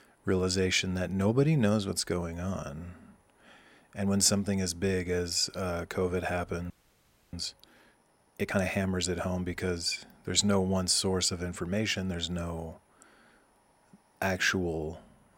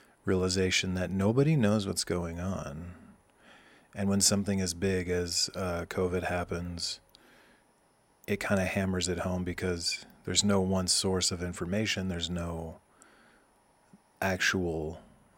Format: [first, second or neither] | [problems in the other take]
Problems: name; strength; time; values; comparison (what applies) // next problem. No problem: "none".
second | audio freezing; at 6.5 s for 0.5 s